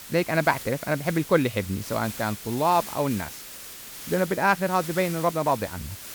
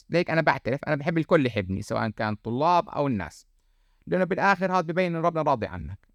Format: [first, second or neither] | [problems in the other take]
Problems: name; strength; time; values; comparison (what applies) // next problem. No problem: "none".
second | hiss; noticeable; throughout; 10 dB below the speech